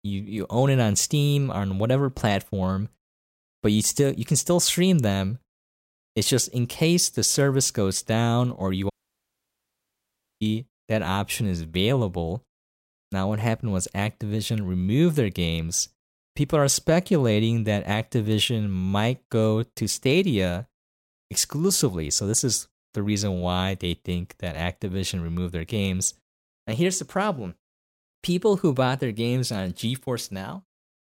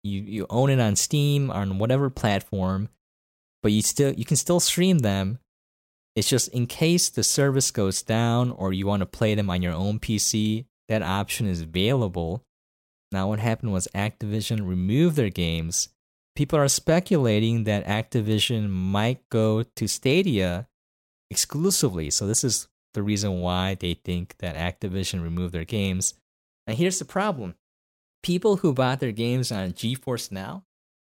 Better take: second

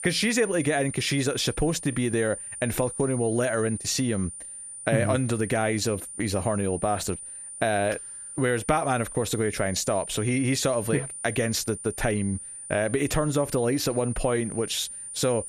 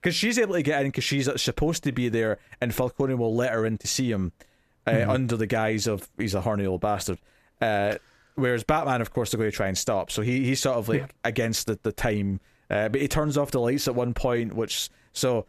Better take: second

